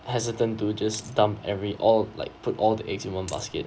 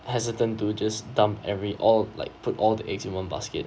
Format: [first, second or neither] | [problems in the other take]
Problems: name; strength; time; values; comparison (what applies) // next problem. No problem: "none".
second | background sound (Coin (dropping)); 16 dB below the speech